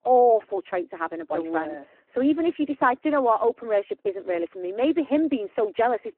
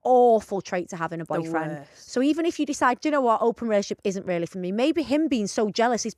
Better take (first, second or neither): second